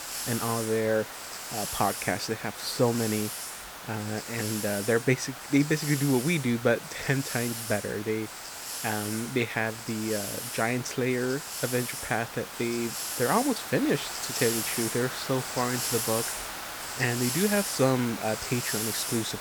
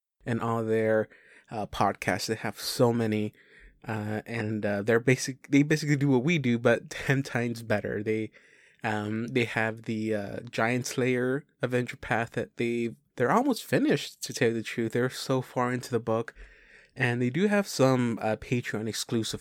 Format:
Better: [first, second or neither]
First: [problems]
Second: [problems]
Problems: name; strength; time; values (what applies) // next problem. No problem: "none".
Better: second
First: hiss; loud; throughout; 4 dB below the speech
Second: none